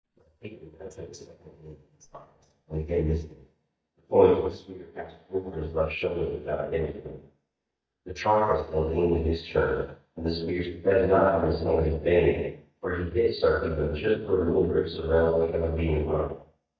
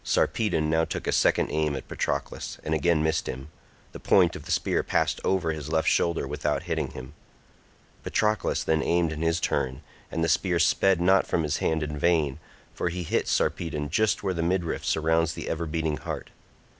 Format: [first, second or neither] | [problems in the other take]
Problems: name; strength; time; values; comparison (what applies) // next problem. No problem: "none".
second | noise reduction (neural mask model DeepFilterNet 3)